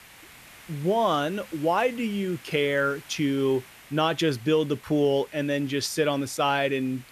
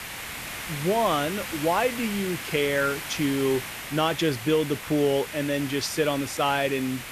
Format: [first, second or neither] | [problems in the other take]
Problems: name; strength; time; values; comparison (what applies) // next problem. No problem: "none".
first | hiss; loud; throughout; 8 dB below the speech; faint in the first